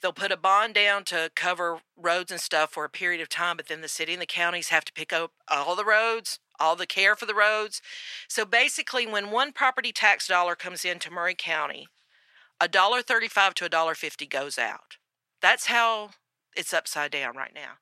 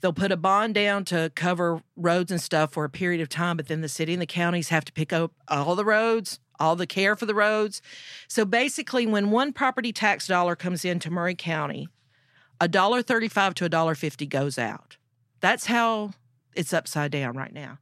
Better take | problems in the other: second | thin; very; fading below 650 Hz

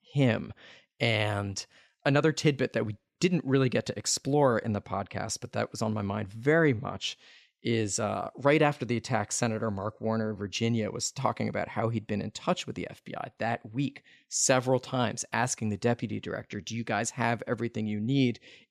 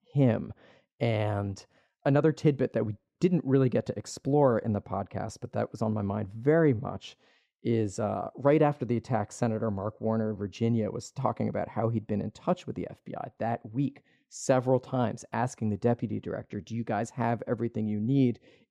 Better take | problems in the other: first | muffled; slightly; fading above 1.5 kHz

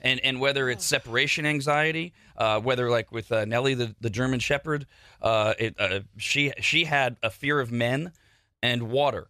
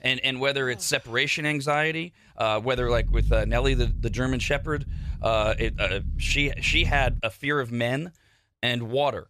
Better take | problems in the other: first | low rumble; faint; from 3 to 7 s; 25 dB below the speech

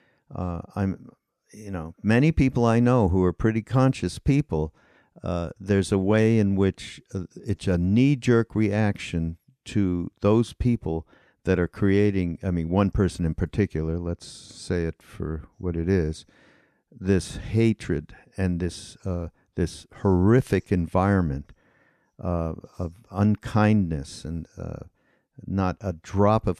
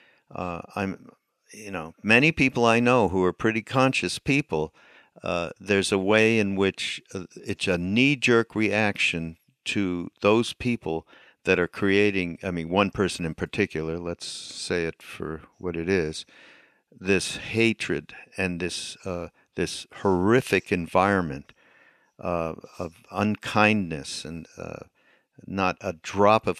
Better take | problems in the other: first | thin; somewhat; fading below 1 kHz

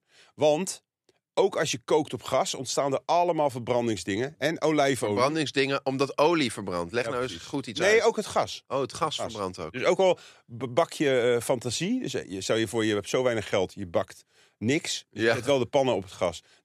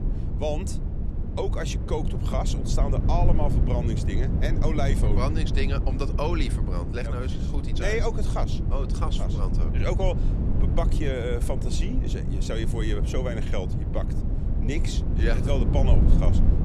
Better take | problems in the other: first | low rumble; loud; throughout; 6 dB below the speech

